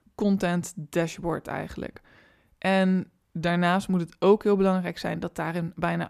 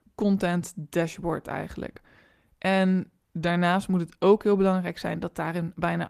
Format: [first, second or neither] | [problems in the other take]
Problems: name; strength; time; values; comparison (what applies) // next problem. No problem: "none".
first | garbled, watery; slightly; nothing above 14.5 kHz